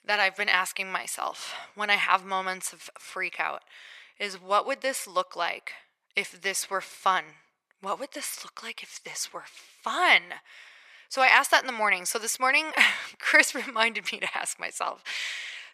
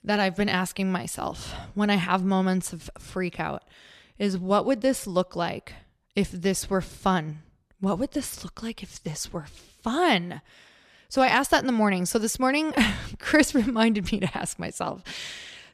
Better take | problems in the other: second | thin; very; fading below 750 Hz

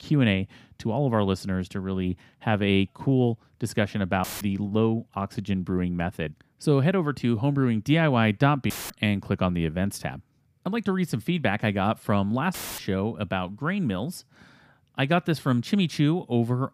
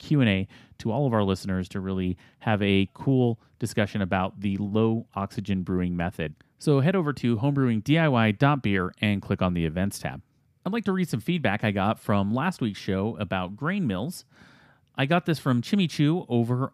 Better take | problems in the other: second | audio cutting out; filled with static; at 4 s, at 8.5 s and at 13 s

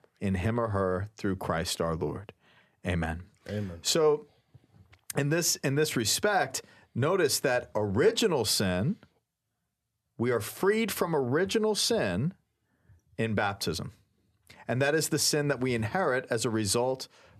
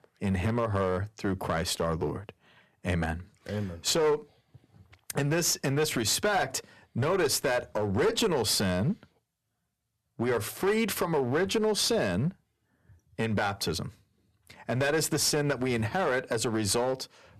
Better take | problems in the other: first | distortion; slight; 7% of the sound clipped

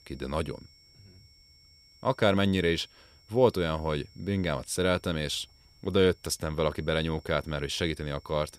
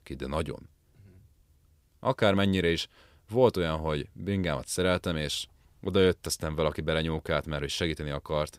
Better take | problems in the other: second | high-pitched whine; faint; throughout; 5.5 kHz, 30 dB below the speech

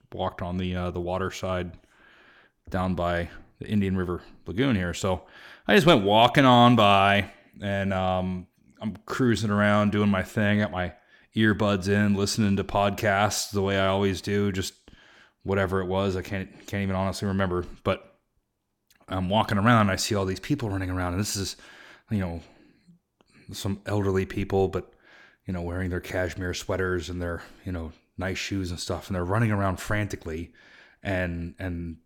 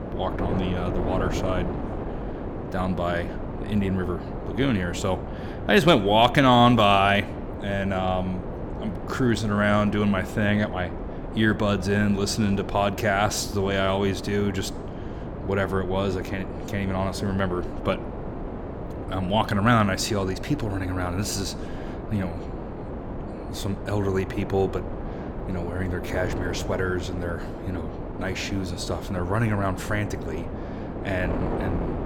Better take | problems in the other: first | wind noise on the microphone; occasional gusts; 10 dB below the speech

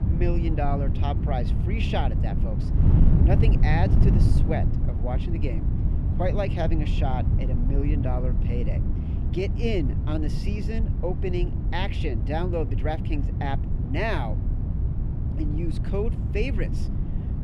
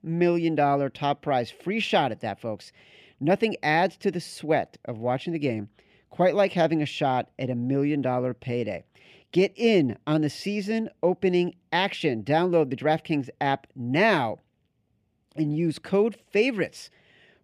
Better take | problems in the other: second | wind noise on the microphone; heavy; 6 dB below the speech

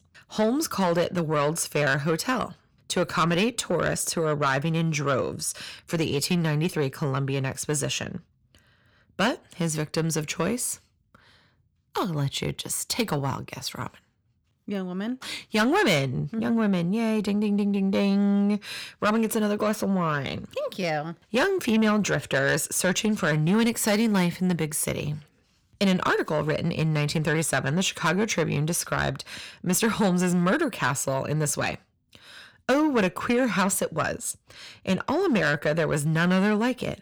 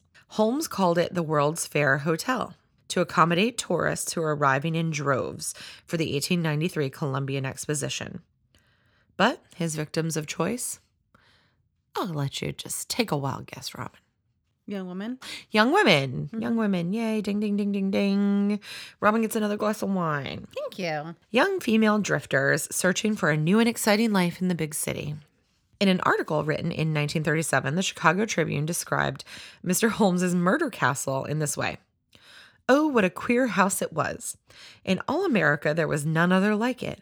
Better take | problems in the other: second | distortion; slight; 10 dB below the speech

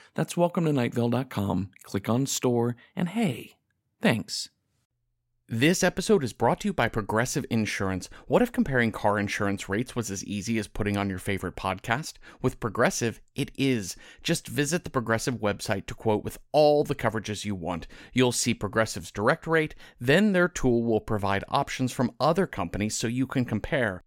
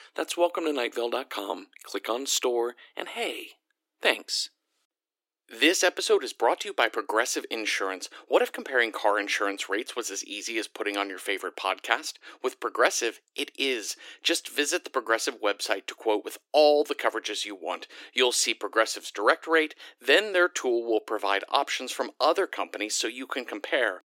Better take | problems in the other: first | thin; very; fading below 300 Hz

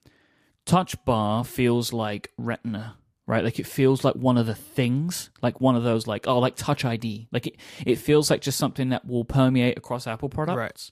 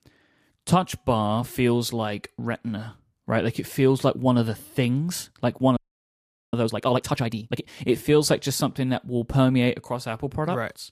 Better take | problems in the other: first | audio freezing; at 6 s for 1 s

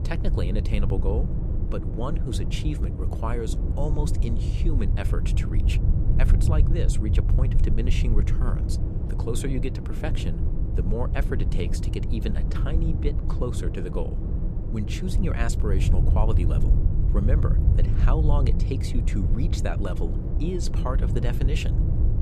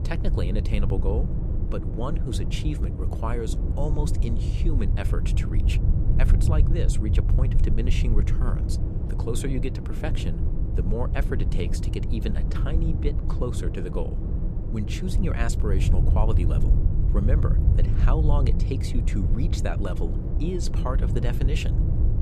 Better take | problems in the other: neither | low rumble; loud; throughout; 4 dB below the speech; the same in both

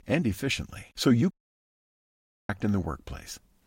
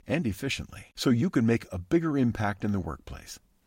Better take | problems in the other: second | audio cutting out; at 1.5 s for 1 s

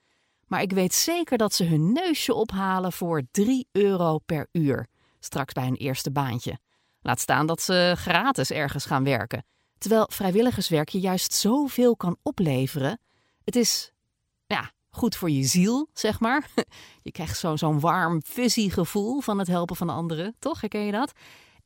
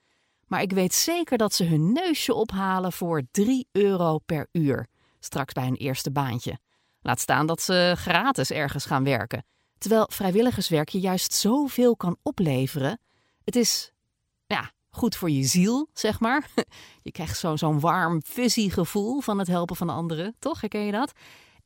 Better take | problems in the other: neither | none

